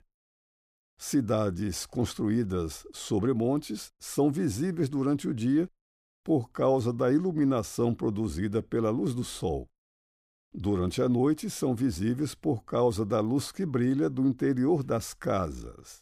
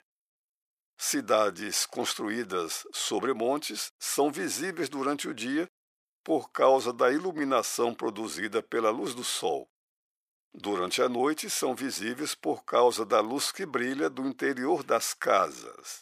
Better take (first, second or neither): first